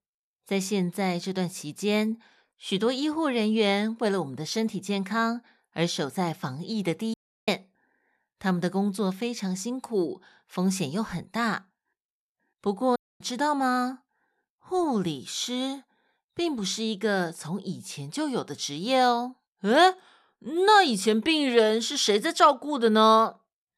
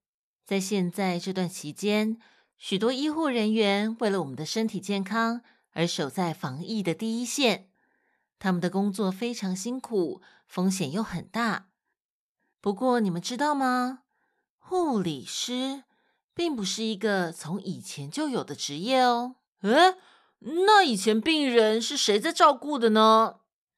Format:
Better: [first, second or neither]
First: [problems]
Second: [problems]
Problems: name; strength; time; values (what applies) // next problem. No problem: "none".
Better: second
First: audio cutting out; at 7 s and at 13 s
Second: none